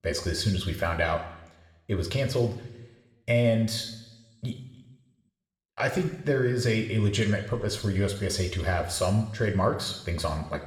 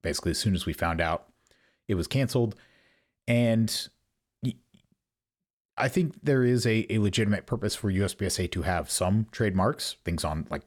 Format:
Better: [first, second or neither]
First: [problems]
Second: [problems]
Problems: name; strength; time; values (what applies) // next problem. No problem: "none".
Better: second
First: room echo; slight; dies away in 0.9 s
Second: none